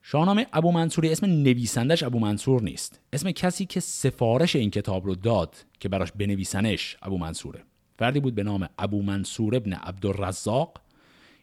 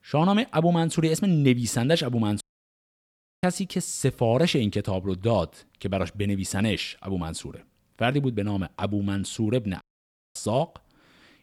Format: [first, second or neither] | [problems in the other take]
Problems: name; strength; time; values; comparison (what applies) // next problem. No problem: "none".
first | audio cutting out; at 2.5 s for 1 s and at 10 s for 0.5 s